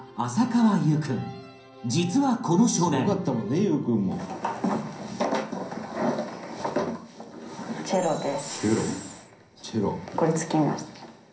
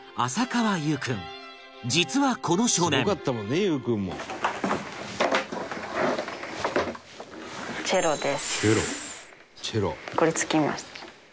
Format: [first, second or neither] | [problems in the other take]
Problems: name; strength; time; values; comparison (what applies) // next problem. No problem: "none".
second | room echo; dies away in 0.6 s